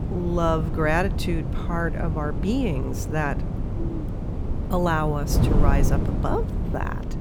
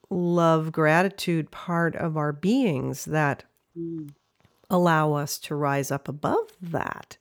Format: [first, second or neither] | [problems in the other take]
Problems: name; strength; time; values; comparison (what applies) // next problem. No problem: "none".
second | wind noise on the microphone; heavy; 9 dB below the speech